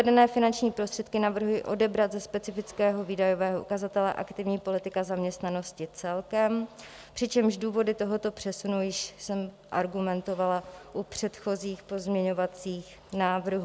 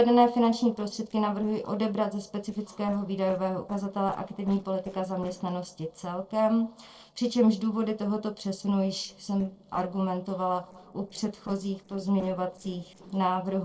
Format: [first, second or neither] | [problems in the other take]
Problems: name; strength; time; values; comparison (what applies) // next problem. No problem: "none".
first | noise reduction (neural separator model SepFormer DNS4)